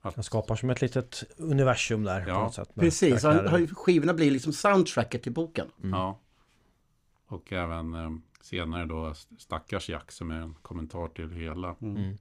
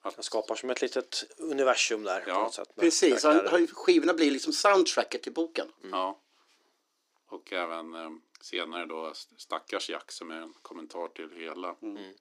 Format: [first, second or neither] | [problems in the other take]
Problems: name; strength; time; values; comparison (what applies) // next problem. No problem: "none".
first | thin; somewhat; fading below 300 Hz